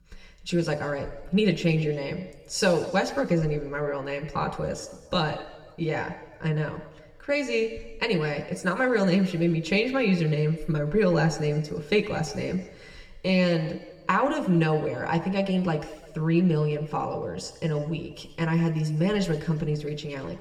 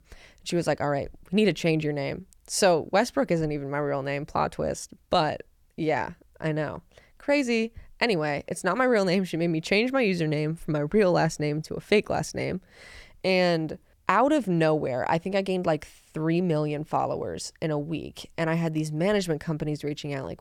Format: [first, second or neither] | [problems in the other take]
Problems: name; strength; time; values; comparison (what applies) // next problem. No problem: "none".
second | room echo; slight; dies away in 1.3 s // off-mic speech; somewhat distant